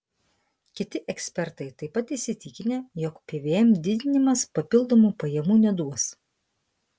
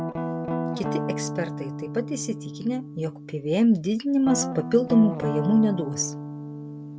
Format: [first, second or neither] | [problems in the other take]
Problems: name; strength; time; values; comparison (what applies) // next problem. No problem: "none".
first | background sound (Guitar); 6 dB below the speech